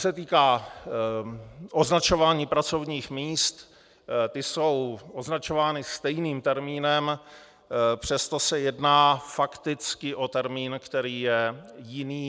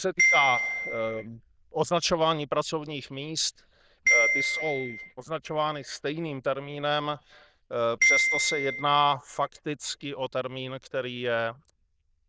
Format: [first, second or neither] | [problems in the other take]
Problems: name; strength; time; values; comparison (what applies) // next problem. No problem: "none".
first | noise reduction (neural diffusion model UNIVERSE++)